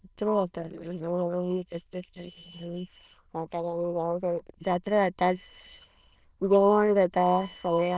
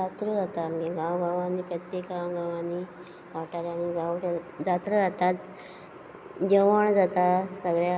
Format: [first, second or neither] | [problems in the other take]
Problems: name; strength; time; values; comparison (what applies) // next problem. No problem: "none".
second | noise reduction (neural diffusion model UNIVERSE++)